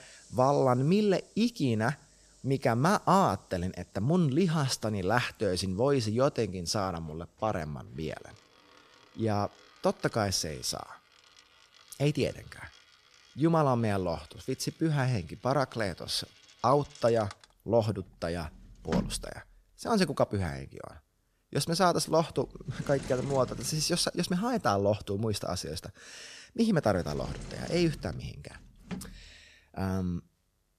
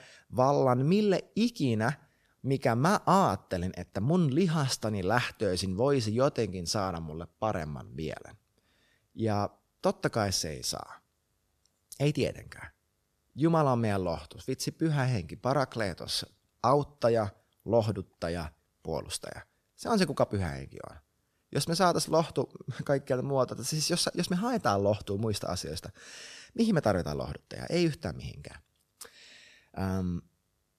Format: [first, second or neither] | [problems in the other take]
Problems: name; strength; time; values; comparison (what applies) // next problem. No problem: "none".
second | household noises; noticeable; throughout; 20 dB below the speech